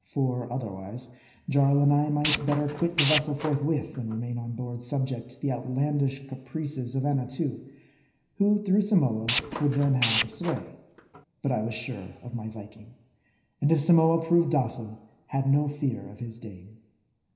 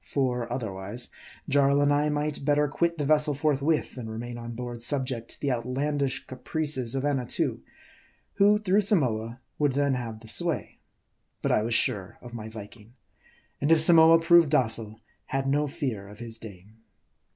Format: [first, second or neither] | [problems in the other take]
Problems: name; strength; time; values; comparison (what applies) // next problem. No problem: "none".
second | background sound (Tools); 4 dB below the speech // room echo; dies away in 0.9 s